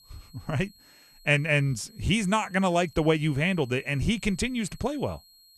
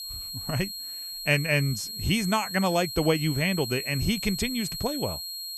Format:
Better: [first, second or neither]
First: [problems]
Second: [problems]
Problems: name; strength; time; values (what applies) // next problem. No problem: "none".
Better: first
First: high-pitched whine; faint; throughout; 4.5 kHz, 25 dB below the speech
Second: high-pitched whine; loud; throughout; 4.5 kHz, 6 dB below the speech